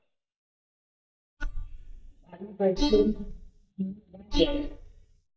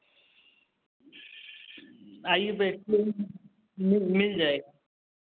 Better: second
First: noise reduction (neural mask model DeepFilterNet 3)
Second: none

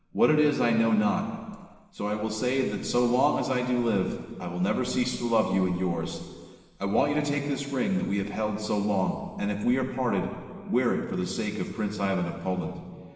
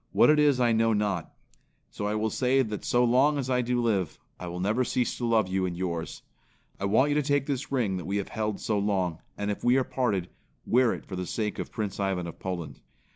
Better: second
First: room echo; dies away in 1.6 s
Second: none

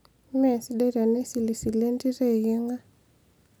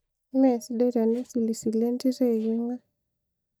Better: first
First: none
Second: noise reduction (neural mask model DeepFilterNet 3)

